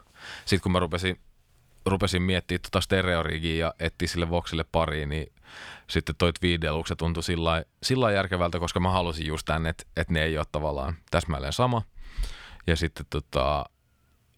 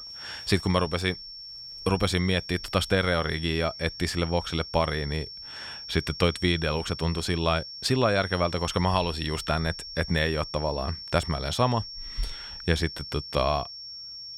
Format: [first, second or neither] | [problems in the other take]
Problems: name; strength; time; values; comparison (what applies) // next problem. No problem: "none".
first | high-pitched whine; noticeable; throughout; 5.5 kHz, 10 dB below the speech